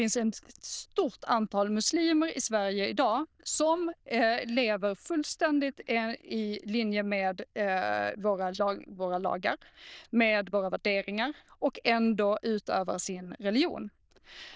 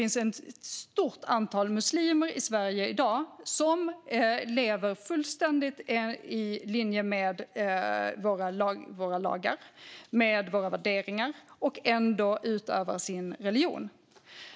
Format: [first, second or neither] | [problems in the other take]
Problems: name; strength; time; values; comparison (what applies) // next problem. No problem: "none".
second | noise reduction (neural diffusion model UNIVERSE++)